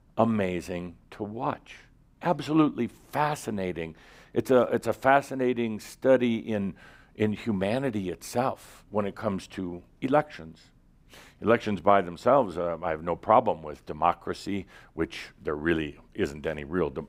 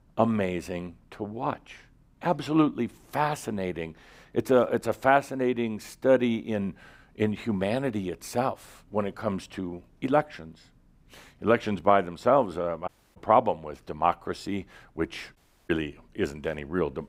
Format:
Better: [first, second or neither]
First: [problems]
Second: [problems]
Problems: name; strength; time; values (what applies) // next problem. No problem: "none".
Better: first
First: none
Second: audio cutting out; at 13 s and at 15 s